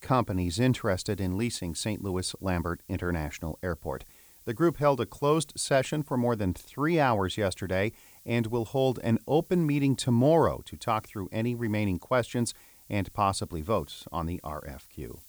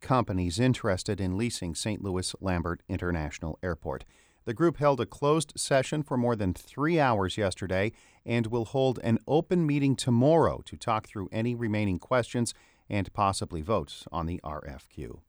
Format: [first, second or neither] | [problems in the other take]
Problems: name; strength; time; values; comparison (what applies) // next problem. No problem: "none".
second | hiss; faint; throughout; 20 dB below the speech